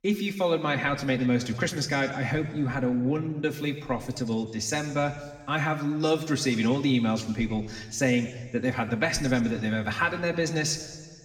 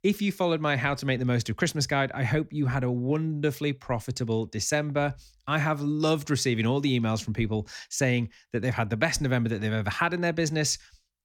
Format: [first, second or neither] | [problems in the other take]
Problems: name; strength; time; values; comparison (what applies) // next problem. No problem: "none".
second | room echo; slight; dies away in 1.2 s // off-mic speech; somewhat distant